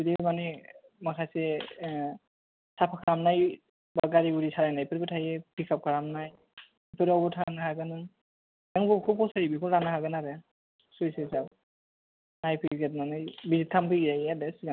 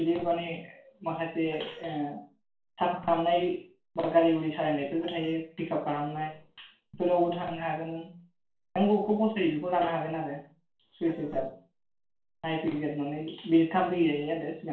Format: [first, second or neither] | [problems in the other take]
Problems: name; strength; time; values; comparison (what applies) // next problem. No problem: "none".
first | noise reduction (neural separator model SepFormer DNS4)